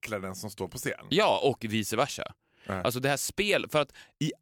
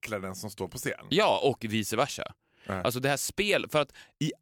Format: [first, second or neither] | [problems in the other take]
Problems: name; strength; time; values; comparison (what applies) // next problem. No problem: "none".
neither | none